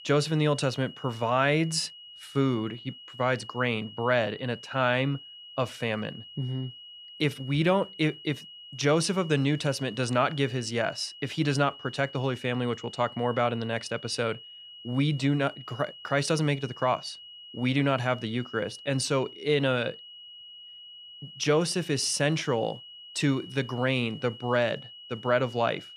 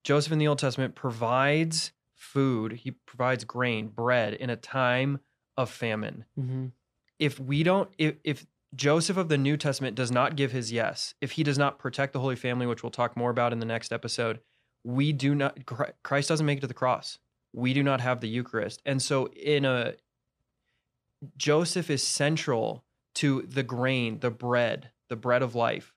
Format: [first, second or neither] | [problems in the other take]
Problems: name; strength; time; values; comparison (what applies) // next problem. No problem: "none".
second | high-pitched whine; noticeable; throughout; 3 kHz, 15 dB below the speech